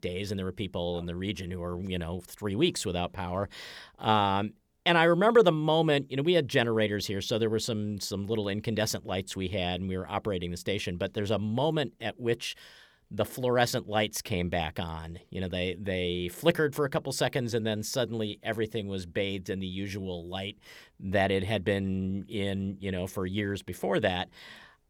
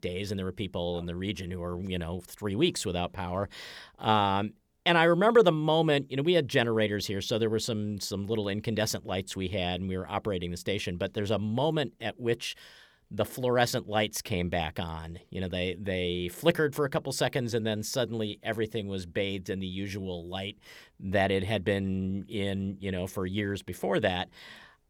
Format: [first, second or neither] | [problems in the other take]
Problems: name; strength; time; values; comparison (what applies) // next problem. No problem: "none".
neither | none